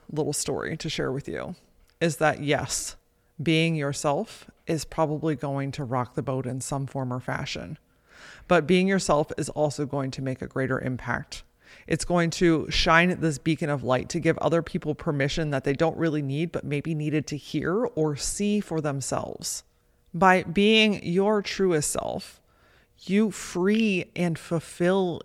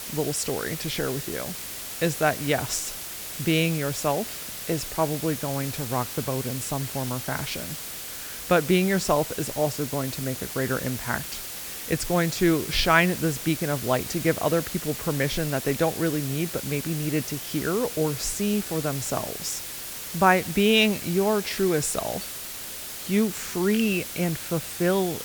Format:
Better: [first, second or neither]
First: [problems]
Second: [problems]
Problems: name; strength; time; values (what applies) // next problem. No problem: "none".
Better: first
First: none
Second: hiss; loud; throughout; 7 dB below the speech